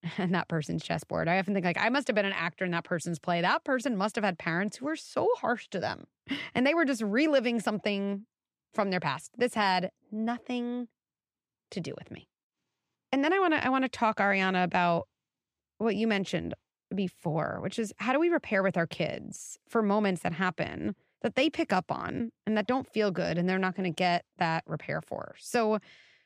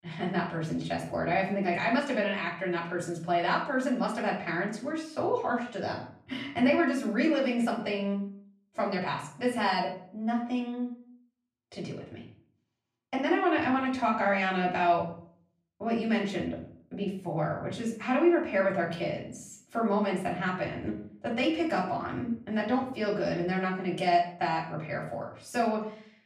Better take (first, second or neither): first